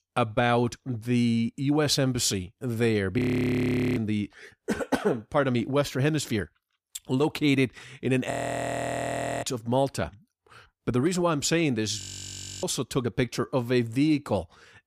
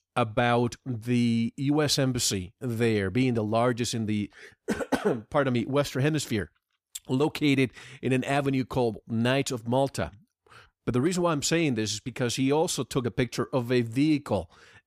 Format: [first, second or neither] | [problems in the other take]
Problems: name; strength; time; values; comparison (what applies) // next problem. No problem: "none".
second | audio freezing; at 3 s for 1 s, at 8.5 s for 1 s and at 12 s for 0.5 s